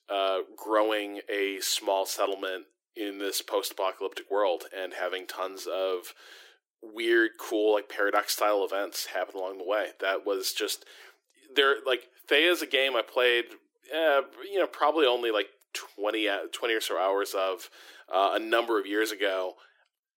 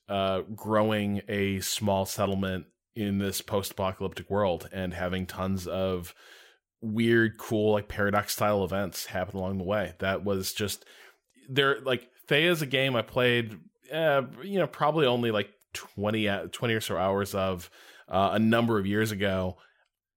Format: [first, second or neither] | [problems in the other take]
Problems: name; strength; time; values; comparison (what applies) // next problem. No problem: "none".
second | thin; very; fading below 300 Hz